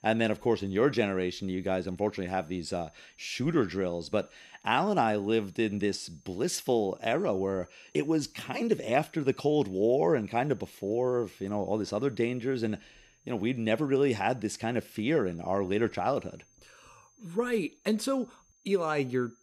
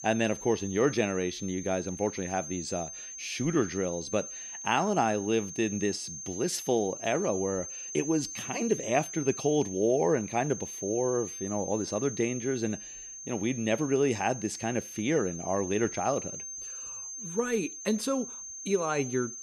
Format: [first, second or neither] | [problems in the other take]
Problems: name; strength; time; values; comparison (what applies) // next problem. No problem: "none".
first | high-pitched whine; loud; throughout; 6.5 kHz, 8 dB below the speech; faint in the first